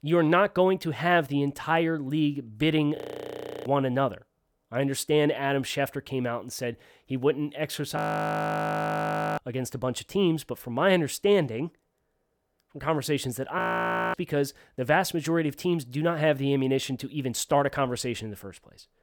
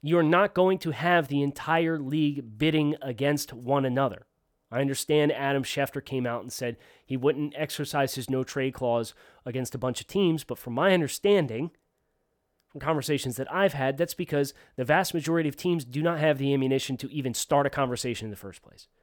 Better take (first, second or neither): second